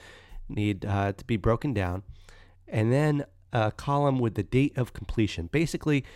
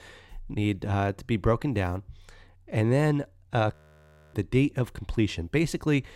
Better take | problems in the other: first | audio freezing; at 3.5 s for 0.5 s

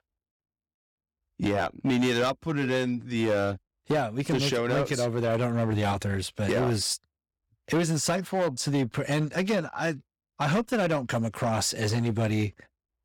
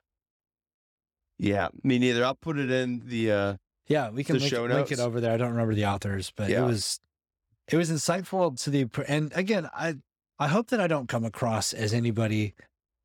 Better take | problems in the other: second | distortion; slight; 9% of the sound clipped

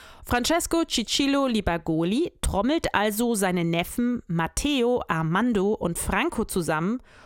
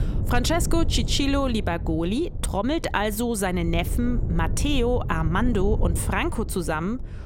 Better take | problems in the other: first | wind noise on the microphone; occasional gusts; 15 dB below the speech

